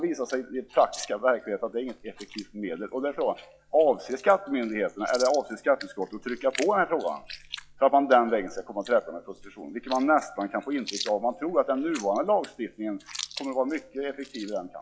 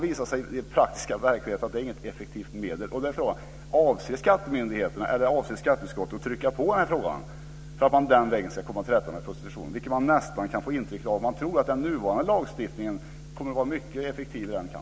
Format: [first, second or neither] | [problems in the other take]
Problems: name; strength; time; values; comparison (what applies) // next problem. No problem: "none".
second | noise reduction (classical method log-MMSE)